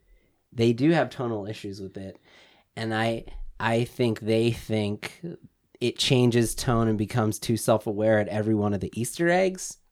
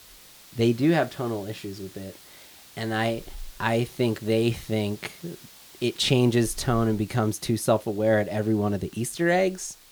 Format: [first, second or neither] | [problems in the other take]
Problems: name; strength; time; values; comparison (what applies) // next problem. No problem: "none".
first | hiss; faint; throughout; 20 dB below the speech